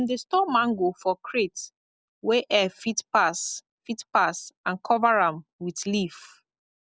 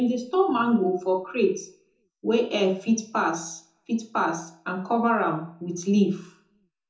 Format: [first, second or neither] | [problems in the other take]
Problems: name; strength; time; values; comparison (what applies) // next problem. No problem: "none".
first | room echo; dies away in 0.5 s